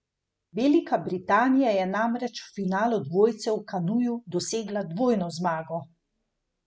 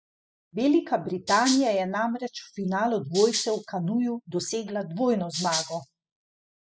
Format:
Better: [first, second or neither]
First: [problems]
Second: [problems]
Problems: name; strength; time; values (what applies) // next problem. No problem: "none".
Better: first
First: none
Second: noise reduction (classical method spectral subtraction)